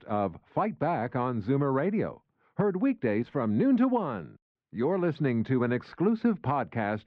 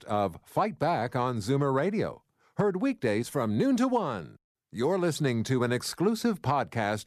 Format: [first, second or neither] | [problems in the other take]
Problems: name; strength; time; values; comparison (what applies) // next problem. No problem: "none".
second | muffled; very; fading above 3 kHz